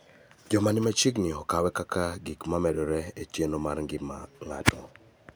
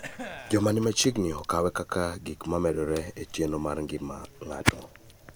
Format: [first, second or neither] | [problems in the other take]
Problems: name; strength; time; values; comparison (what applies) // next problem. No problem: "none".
first | background sound (Chewing, mastication / Cough + Fire); 17 dB below the speech